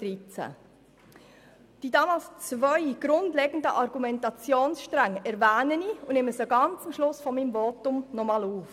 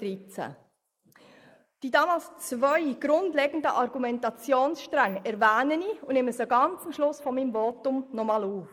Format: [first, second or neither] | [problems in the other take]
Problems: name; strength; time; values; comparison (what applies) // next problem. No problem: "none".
first | noise reduction (neural mask model Resemble Enhance denoiser)